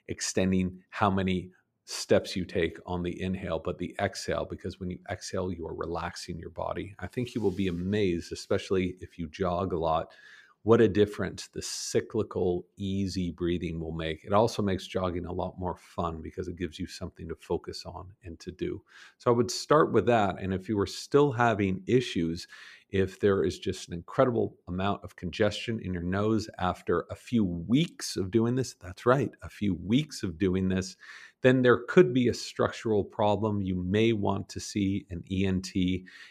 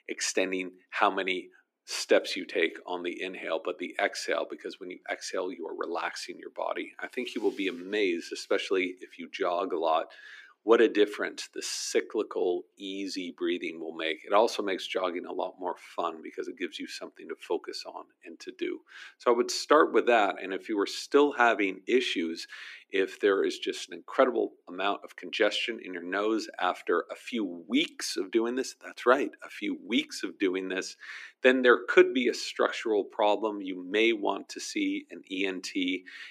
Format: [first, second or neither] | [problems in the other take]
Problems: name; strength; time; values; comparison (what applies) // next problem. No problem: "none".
first | thin; somewhat; fading below 300 Hz